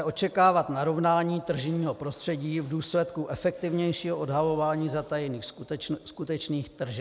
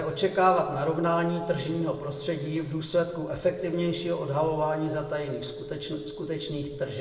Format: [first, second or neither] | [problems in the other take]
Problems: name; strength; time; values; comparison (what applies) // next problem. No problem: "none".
first | background sound (Telephone); 13 dB below the speech // room echo; dies away in 1.1 s